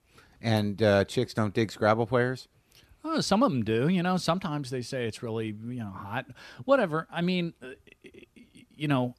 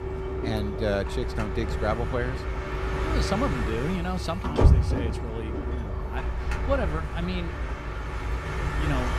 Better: first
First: none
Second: traffic noise; very loud; throughout; 3 dB above the speech

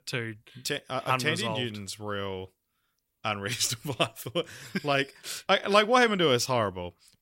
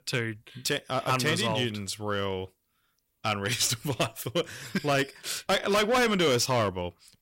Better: first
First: none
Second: distortion; heavy; 7% of the sound clipped

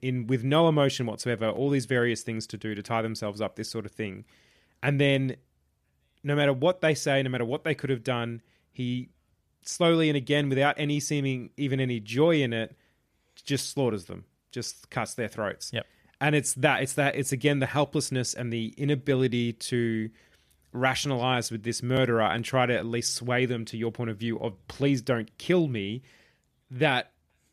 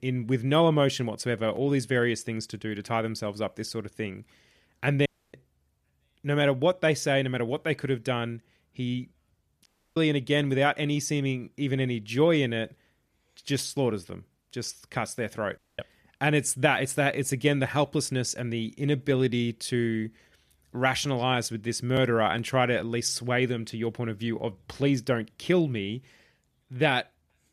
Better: first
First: none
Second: audio cutting out; at 5 s, at 9.5 s and at 16 s

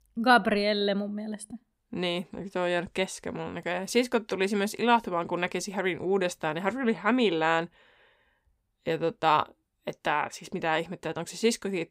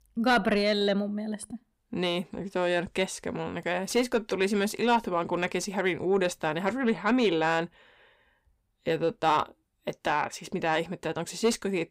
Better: first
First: none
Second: distortion; slight; 10 dB below the speech

